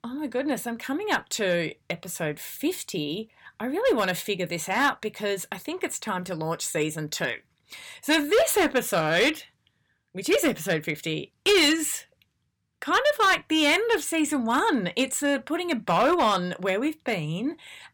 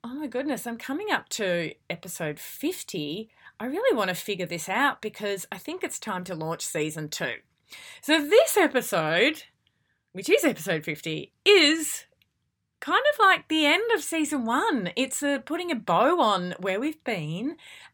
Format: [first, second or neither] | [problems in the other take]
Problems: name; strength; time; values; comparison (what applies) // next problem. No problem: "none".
second | distortion; slight; 3% of the sound clipped